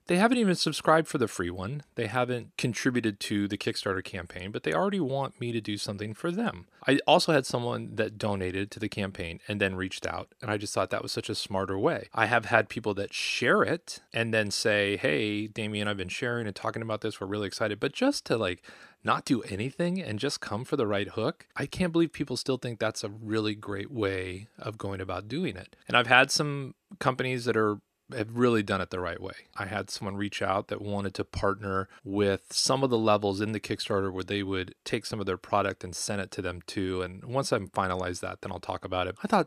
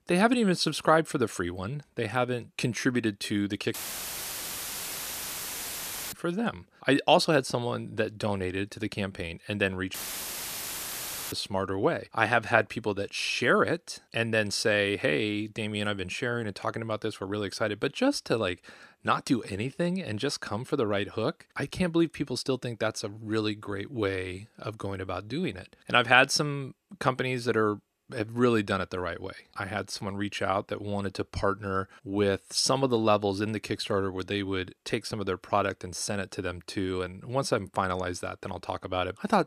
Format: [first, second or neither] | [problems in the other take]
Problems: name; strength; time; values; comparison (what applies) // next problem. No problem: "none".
first | audio cutting out; filled with static; at 3.5 s for 2.5 s and at 10 s for 1.5 s